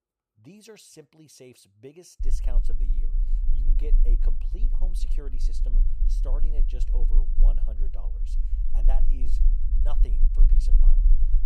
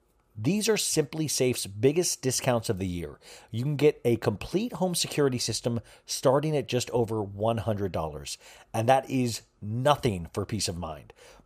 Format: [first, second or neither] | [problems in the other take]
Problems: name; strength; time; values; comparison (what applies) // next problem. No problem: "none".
second | low rumble; loud; from 2 s on; 5 dB below the speech